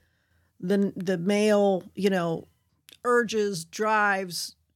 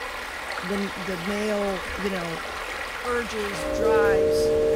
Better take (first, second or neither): first